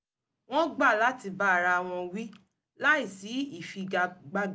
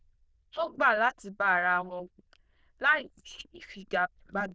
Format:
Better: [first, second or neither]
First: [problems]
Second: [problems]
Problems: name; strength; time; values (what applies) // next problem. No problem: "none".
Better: first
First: none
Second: noise reduction (neural diffusion model UNIVERSE++)